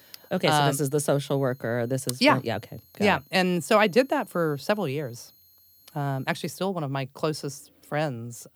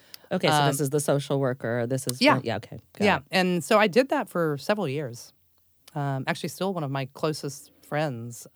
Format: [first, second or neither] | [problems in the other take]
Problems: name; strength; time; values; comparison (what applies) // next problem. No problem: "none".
second | high-pitched whine; faint; until 6.5 s; 11.5 kHz, 30 dB below the speech